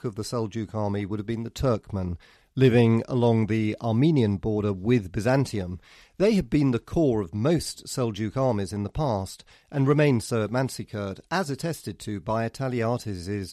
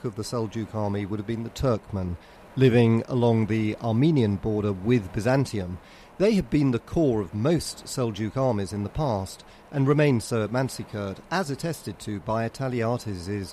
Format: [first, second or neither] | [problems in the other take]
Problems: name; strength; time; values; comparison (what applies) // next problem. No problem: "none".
first | wind noise on the microphone; occasional gusts; 20 dB below the speech